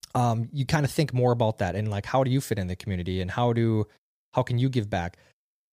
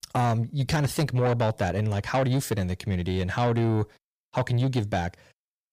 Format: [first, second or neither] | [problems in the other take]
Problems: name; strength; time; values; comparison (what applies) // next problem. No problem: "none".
first | distortion; slight; 10 dB below the speech